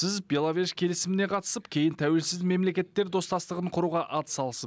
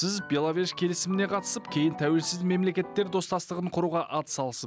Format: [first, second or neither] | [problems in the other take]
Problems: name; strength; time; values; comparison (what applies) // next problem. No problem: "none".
first | background sound (Piano); 15 dB below the speech